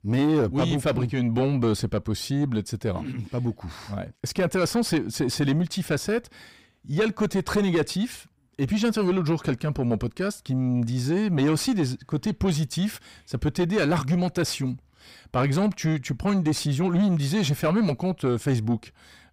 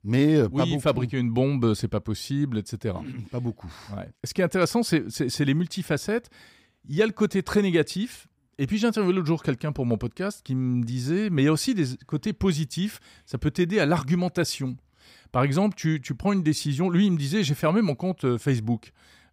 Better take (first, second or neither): second